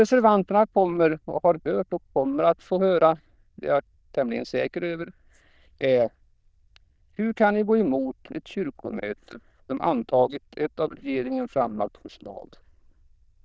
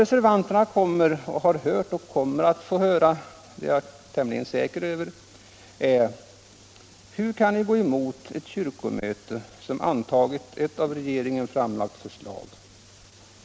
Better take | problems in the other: second | noise reduction (neural diffusion model UNIVERSE++)

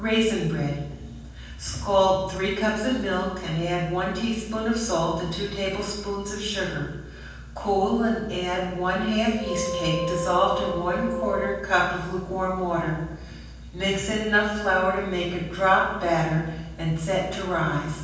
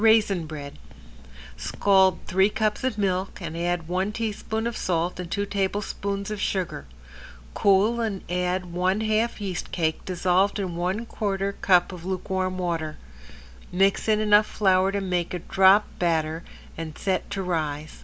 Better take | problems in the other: second | background sound (Wind instrument, woodwind instrument); 6 dB below the speech // room echo; dies away in 1.2 s

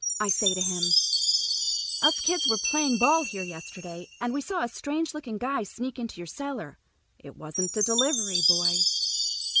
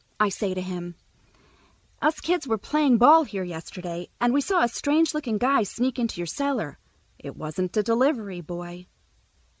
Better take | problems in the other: second | background sound (Chime); 2 dB above the speech

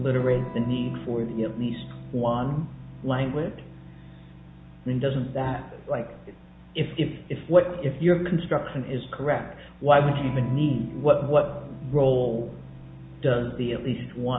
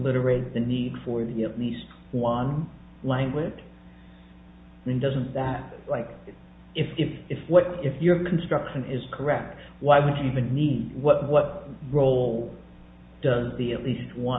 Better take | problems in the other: second | background sound (Electric guitar / Strum); 16 dB below the speech

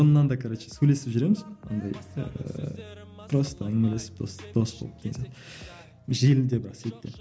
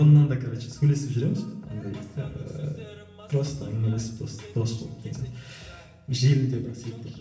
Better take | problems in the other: first | room echo; dies away in 0.9 s

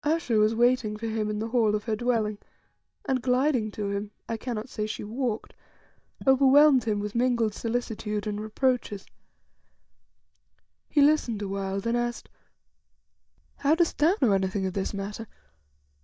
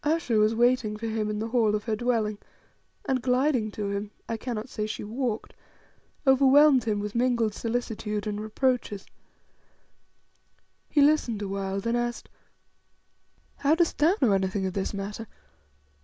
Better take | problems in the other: second | noise reduction (neural mask model DeepFilterNet 3)

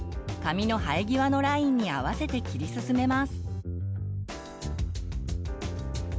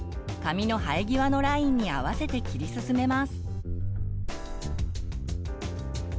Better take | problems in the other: first | background sound (Wind); 6 dB below the speech

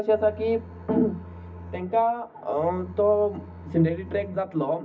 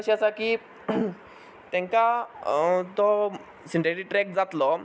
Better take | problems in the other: second | background sound (Bowed string instrument); 16 dB below the speech // room echo; dies away in 0.4 s

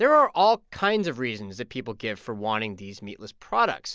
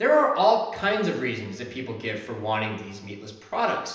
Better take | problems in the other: first | room echo; dies away in 0.9 s

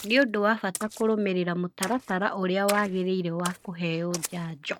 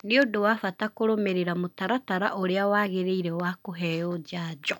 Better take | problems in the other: second | noise reduction (neural mask model RNNoise)

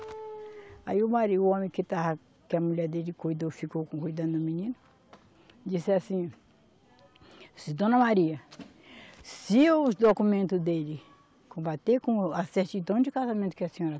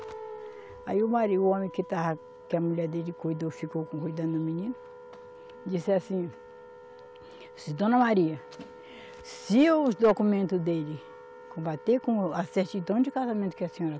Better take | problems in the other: first | background sound (Wind instrument, woodwind instrument); 18 dB below the speech

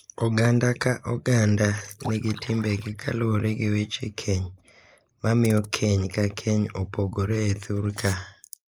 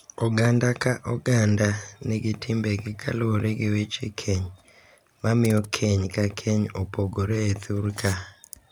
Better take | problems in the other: second | noise reduction (neural mask model Resemble Enhance denoiser)

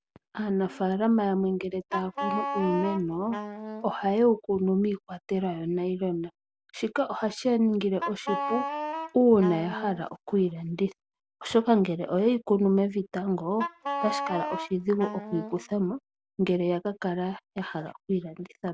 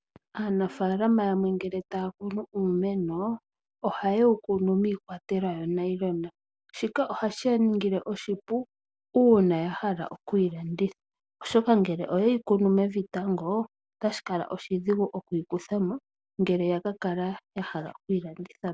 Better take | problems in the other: second | background sound (Wind instrument, woodwind instrument); 6 dB below the speech

